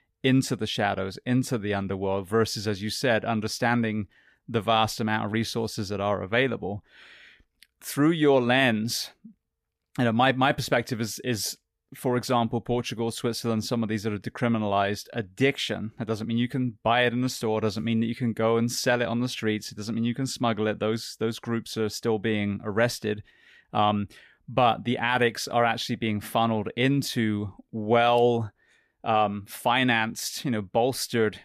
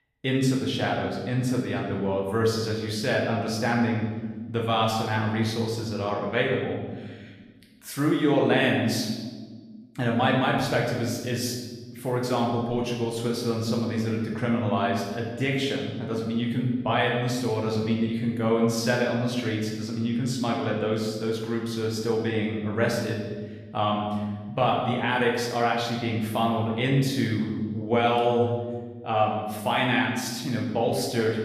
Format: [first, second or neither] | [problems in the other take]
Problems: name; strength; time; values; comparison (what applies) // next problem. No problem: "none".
first | room echo; noticeable; dies away in 1.2 s // off-mic speech; far